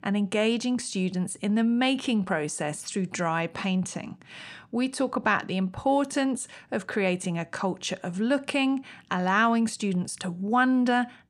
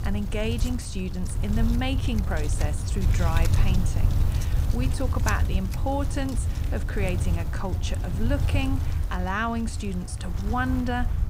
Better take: first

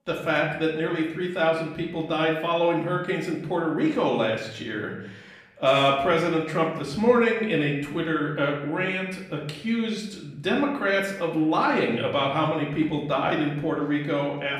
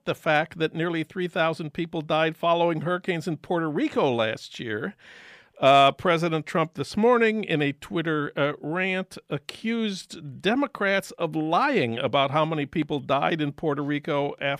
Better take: second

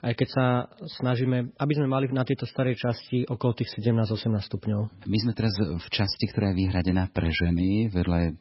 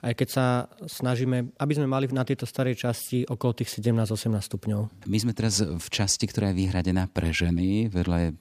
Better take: second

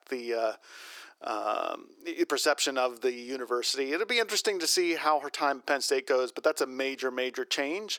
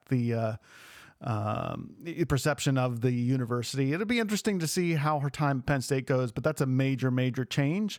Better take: second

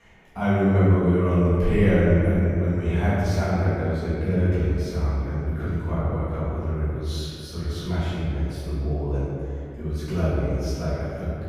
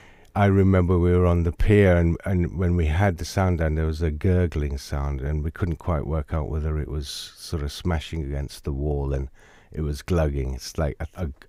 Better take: second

